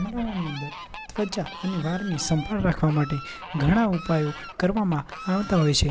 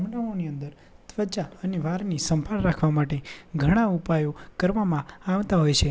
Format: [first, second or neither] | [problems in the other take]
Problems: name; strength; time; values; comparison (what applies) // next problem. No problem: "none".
second | background sound (Fowl); 14 dB below the speech